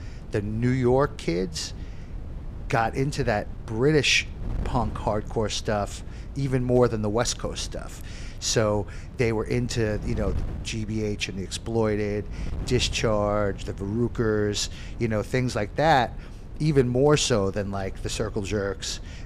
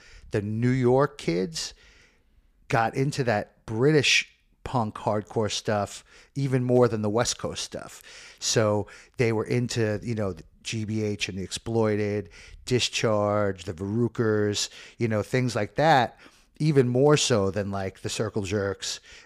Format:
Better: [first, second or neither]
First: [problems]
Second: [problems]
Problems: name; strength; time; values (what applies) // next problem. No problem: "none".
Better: second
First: wind noise on the microphone; occasional gusts; 20 dB below the speech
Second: none